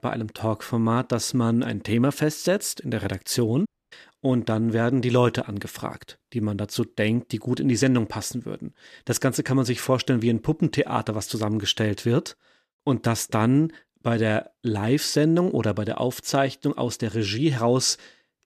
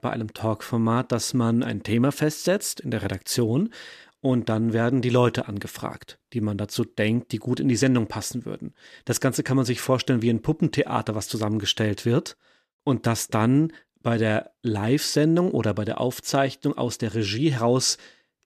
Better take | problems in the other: second | audio cutting out; at 3.5 s

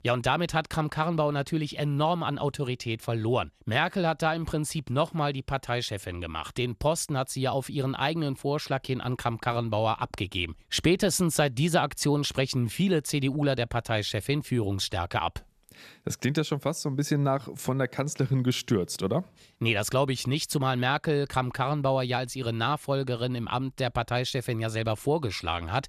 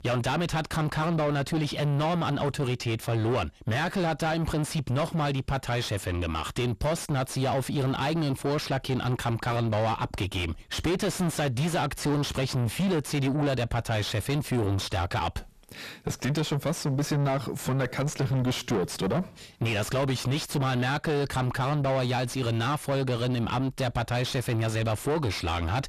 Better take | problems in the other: first | distortion; heavy; 5 dB below the speech

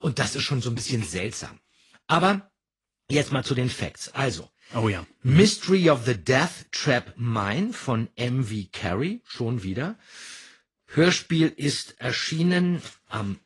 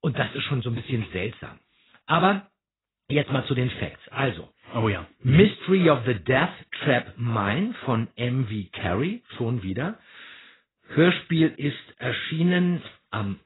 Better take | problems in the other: first | garbled, watery; badly; nothing above 4 kHz; slightly in the first

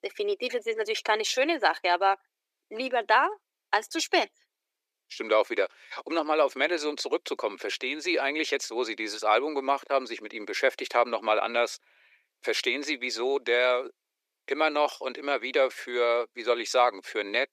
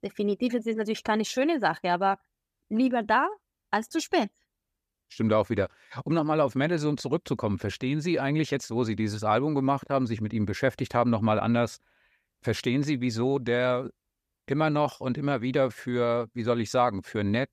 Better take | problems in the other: second | thin; very; fading below 350 Hz

